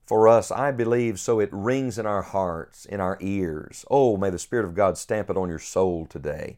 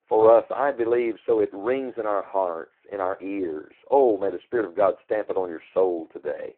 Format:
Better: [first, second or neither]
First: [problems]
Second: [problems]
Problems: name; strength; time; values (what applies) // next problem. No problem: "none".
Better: first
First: none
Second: phone-call audio; poor line